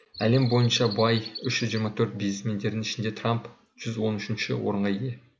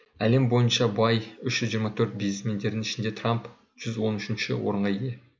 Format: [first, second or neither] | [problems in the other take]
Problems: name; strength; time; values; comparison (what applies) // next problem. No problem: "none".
second | background sound (Bird vocalization, bird call, bird song); 18 dB below the speech